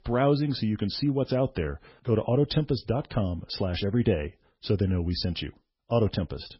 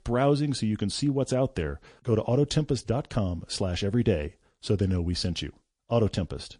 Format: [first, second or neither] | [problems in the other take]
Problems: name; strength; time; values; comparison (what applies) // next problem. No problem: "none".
second | garbled, watery; badly; nothing above 5.5 kHz; slightly in the second